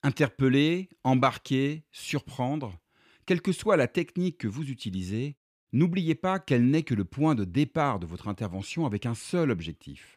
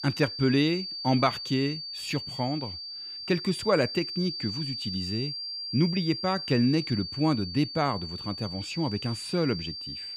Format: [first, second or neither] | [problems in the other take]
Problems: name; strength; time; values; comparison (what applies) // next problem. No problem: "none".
first | high-pitched whine; loud; throughout; 4.5 kHz, 6 dB below the speech